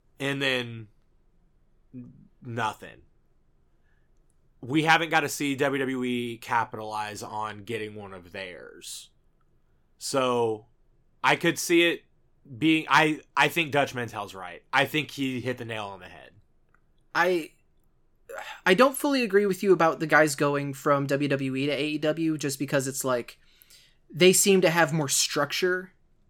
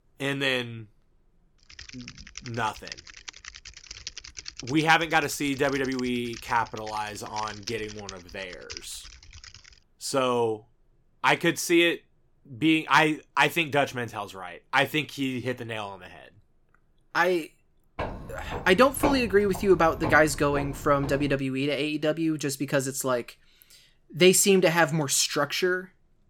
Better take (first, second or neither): first